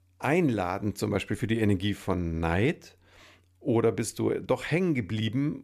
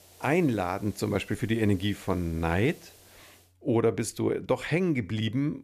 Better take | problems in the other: first | hiss; faint; until 3.5 s; 25 dB below the speech

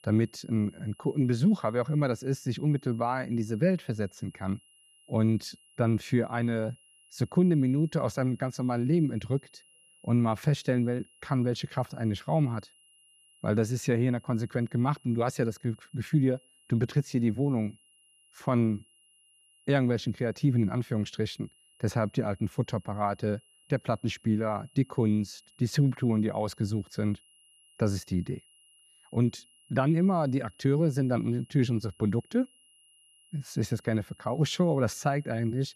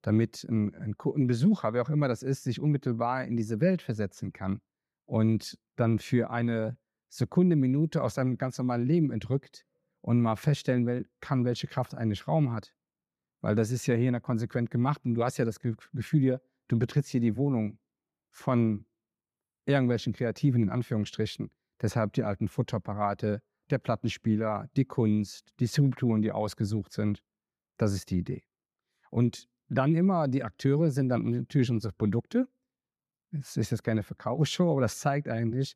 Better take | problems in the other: second | high-pitched whine; faint; throughout; 3 kHz, 30 dB below the speech

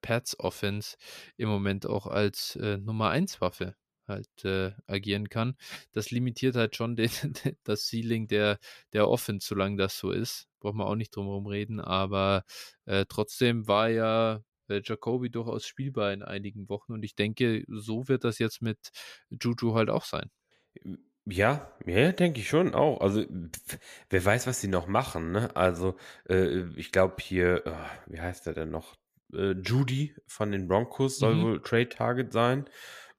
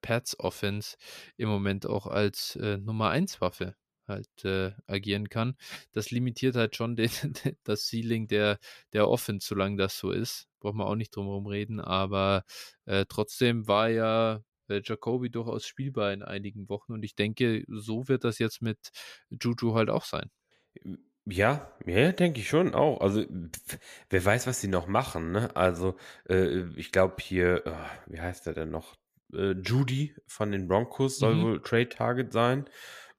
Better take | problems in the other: neither | none

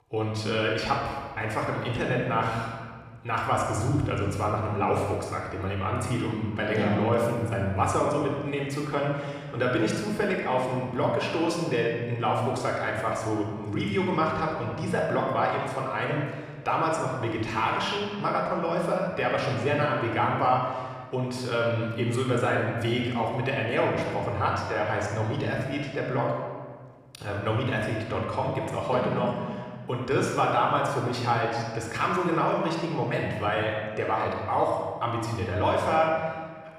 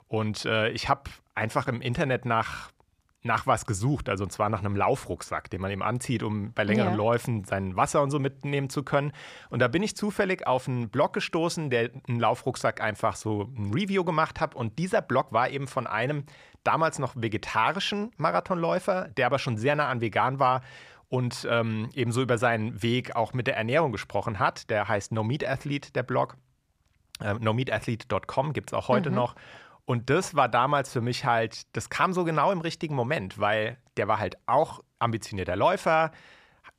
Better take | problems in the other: second | off-mic speech; somewhat distant // room echo; noticeable; dies away in 1.4 s

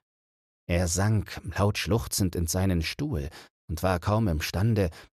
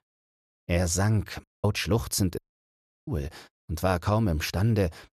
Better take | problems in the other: first | audio cutting out; at 1.5 s and at 2.5 s for 0.5 s

